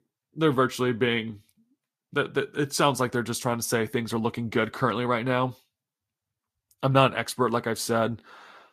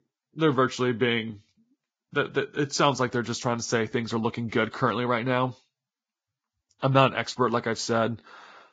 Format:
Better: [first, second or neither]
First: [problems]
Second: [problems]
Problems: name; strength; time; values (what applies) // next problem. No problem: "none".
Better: first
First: garbled, watery; slightly; nothing above 14.5 kHz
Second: garbled, watery; badly; nothing above 7.5 kHz